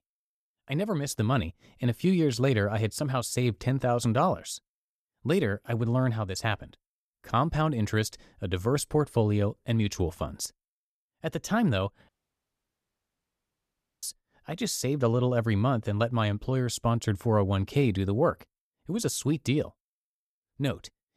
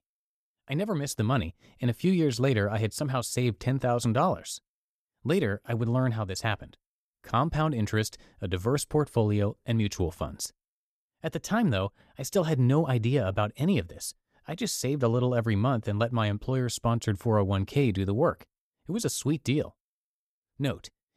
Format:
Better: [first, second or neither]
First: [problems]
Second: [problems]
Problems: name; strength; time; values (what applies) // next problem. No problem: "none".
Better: second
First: audio cutting out; at 12 s for 2 s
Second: none